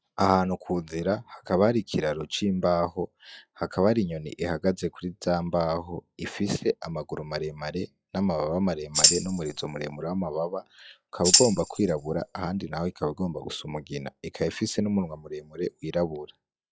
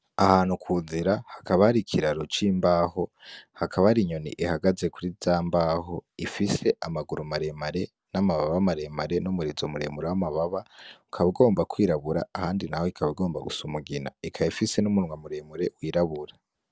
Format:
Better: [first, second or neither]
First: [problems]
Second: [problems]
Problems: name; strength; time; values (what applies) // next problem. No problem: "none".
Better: second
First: noise reduction (classical method log-MMSE)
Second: none